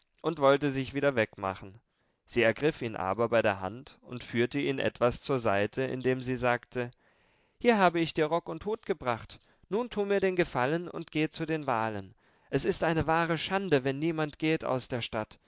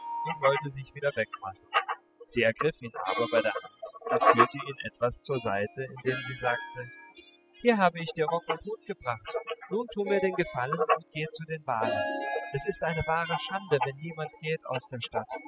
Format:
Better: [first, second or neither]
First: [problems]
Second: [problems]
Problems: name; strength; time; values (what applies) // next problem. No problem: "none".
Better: first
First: none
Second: noise reduction (classical method spectral subtraction)